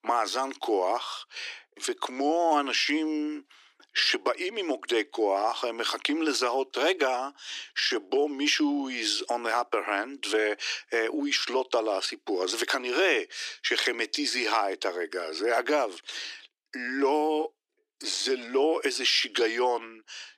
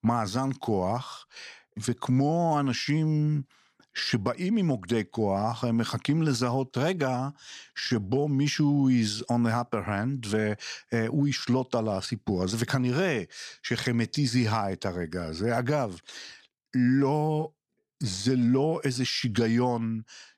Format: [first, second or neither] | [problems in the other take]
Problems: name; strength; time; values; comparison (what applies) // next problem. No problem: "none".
second | thin; somewhat; fading below 300 Hz